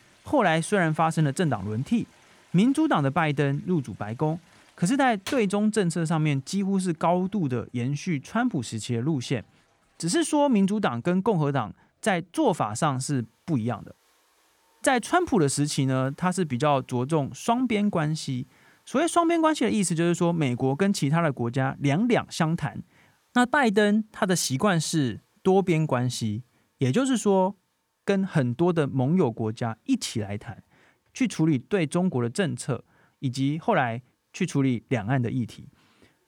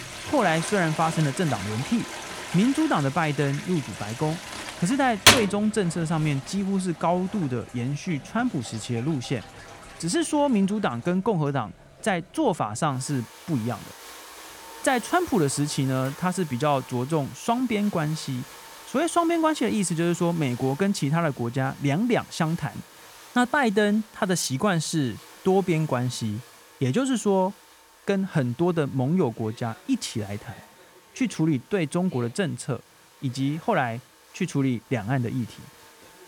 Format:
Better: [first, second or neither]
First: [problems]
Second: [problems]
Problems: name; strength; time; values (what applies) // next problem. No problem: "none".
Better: first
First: household noises; faint; throughout; 25 dB below the speech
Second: household noises; loud; throughout; 5 dB below the speech